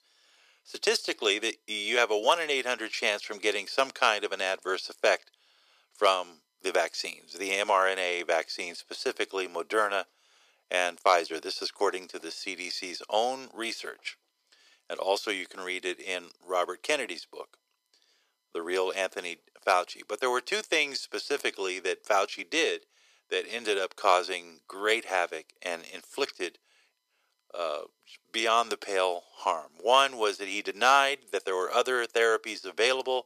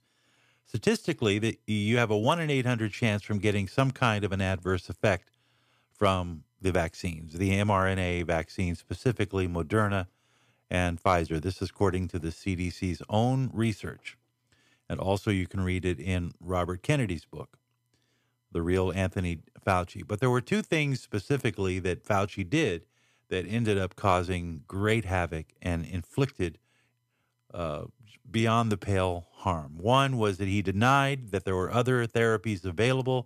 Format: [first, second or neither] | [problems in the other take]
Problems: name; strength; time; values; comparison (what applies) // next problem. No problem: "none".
second | thin; very; fading below 400 Hz